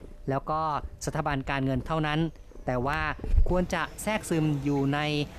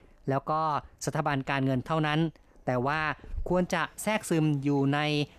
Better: second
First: animal sounds; loud; throughout; 9 dB below the speech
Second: animal sounds; faint; throughout; 25 dB below the speech

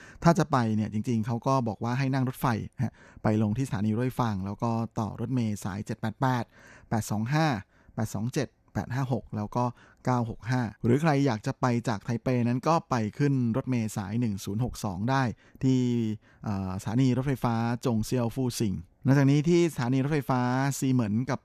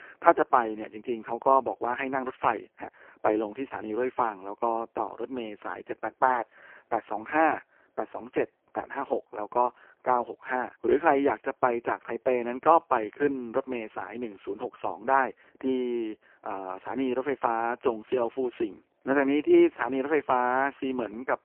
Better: first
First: none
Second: phone-call audio; poor line

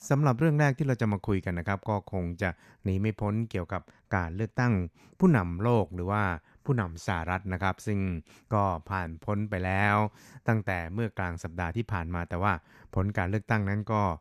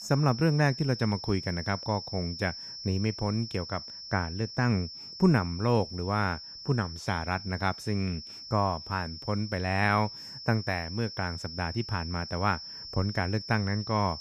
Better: first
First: none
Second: high-pitched whine; loud; throughout; 5.5 kHz, 10 dB below the speech

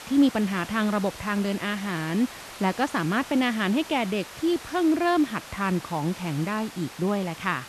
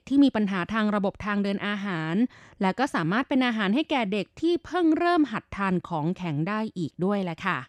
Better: second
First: hiss; noticeable; throughout; 15 dB below the speech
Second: none

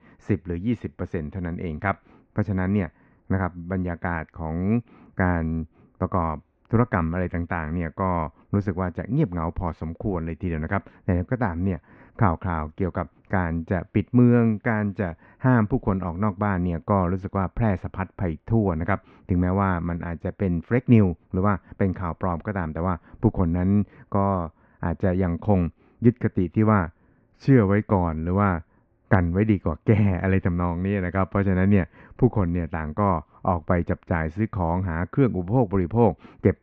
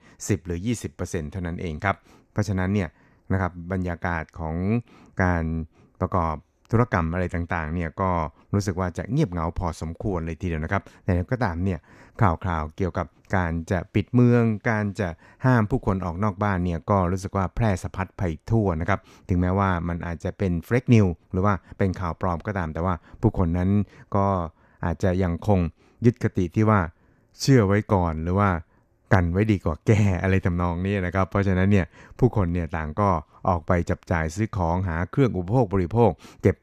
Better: second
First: muffled; very; fading above 2.5 kHz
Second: none

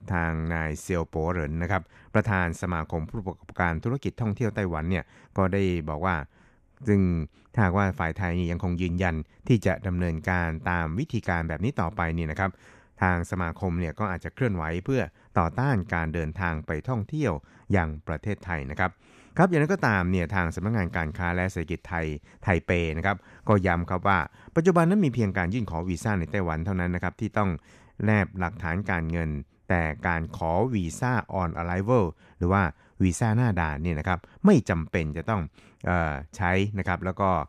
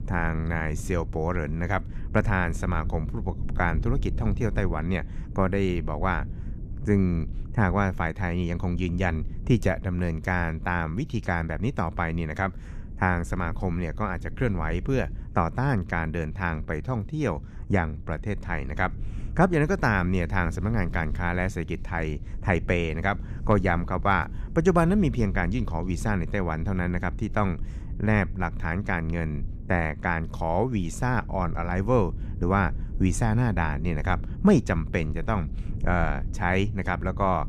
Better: first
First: none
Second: low rumble; faint; throughout; 20 dB below the speech

